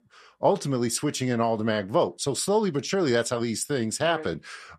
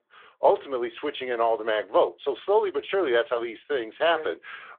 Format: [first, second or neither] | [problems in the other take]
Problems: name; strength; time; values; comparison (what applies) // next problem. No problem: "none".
first | phone-call audio; nothing above 3.5 kHz